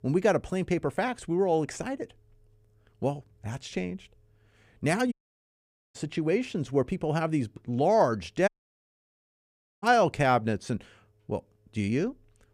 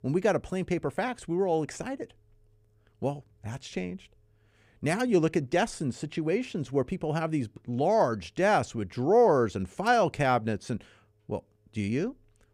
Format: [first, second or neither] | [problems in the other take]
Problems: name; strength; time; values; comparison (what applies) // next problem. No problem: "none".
second | audio cutting out; at 5 s for 1 s and at 8.5 s for 1.5 s